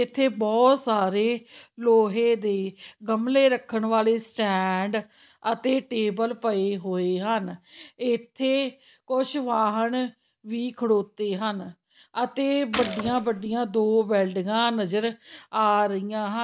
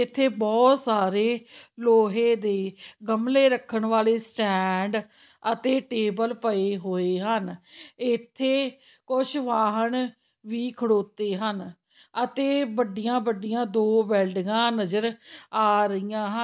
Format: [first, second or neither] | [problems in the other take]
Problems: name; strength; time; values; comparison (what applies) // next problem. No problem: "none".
second | background sound (Gunshot, gunfire); 11 dB below the speech